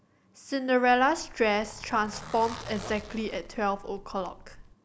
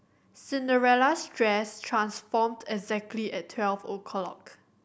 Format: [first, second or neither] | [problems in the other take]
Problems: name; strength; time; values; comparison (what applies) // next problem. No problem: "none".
second | background sound (Zipper (clothing)); 15 dB below the speech